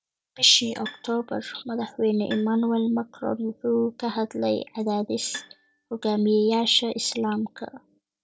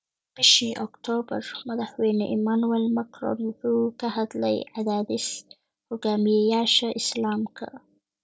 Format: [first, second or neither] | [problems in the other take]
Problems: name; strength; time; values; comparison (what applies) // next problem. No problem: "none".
second | background sound (Bowed string instrument); 19 dB below the speech